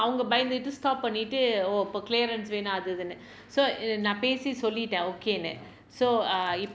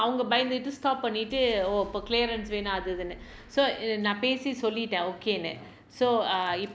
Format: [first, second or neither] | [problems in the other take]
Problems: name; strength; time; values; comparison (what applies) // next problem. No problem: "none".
first | background sound (Boom); 18 dB below the speech